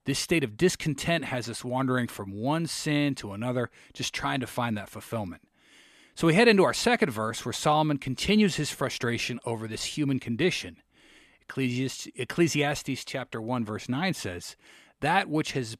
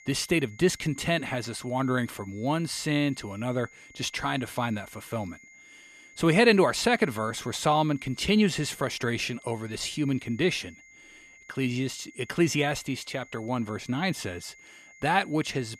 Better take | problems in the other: first | high-pitched whine; faint; throughout; 2 kHz, 25 dB below the speech

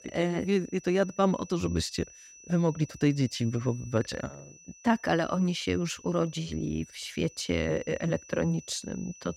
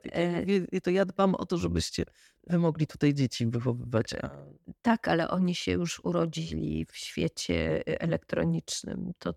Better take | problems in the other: second | high-pitched whine; faint; throughout; 6 kHz, 20 dB below the speech

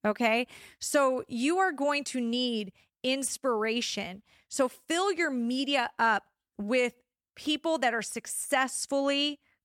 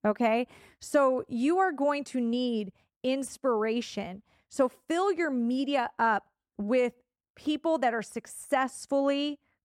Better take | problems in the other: first | muffled; slightly; fading above 1.5 kHz

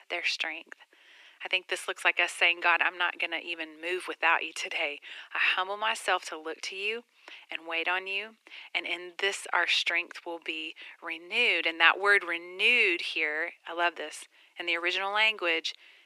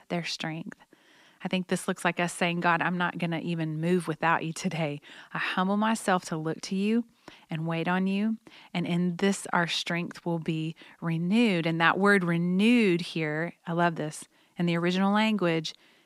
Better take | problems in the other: second | thin; very; fading below 350 Hz

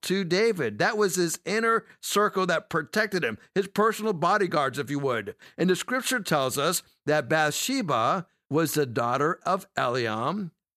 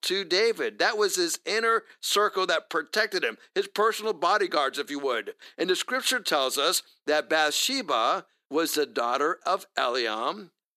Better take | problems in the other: first | thin; somewhat; fading below 300 Hz

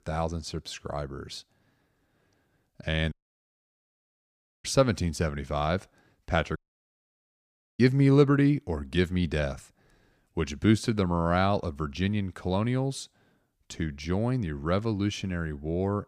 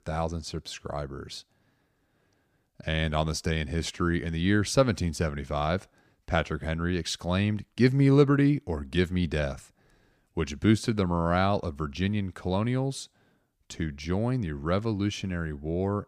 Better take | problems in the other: second | audio cutting out; at 3 s for 1.5 s and at 6.5 s for 1 s

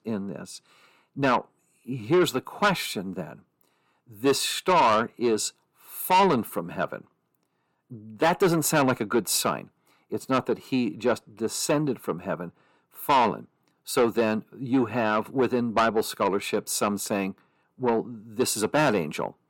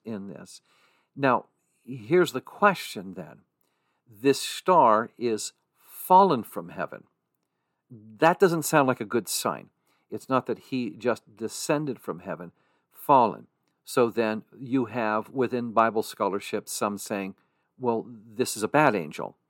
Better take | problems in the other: second | distortion; heavy; 7 dB below the speech

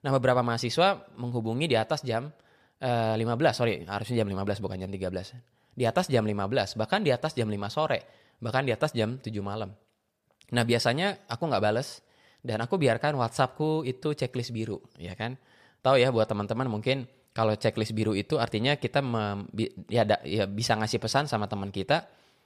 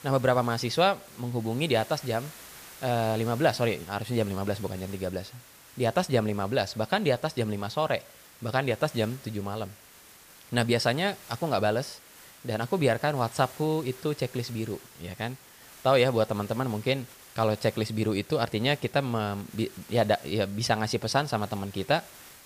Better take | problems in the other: first | hiss; noticeable; throughout; 20 dB below the speech

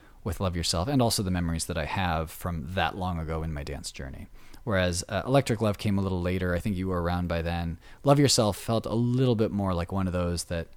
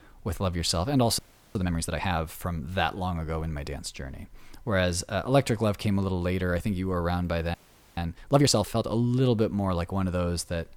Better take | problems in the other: first | audio freezing; at 1 s and at 7.5 s

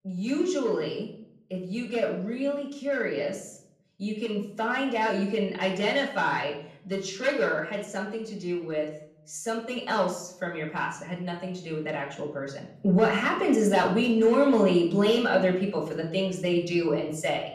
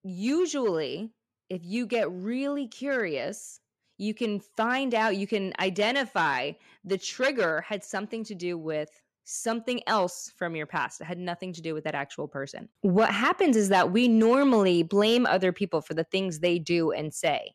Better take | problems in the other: second | off-mic speech; far // room echo; slight; dies away in 0.6 s

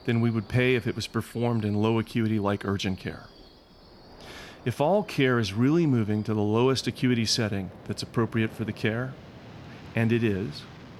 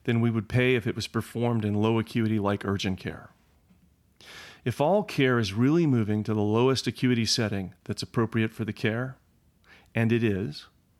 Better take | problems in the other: second | train or aircraft noise; faint; throughout; 20 dB below the speech

